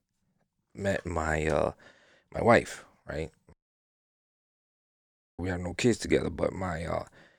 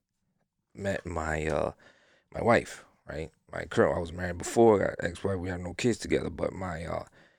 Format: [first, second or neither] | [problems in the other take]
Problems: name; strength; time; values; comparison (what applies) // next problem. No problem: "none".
second | audio cutting out; at 3.5 s for 2 s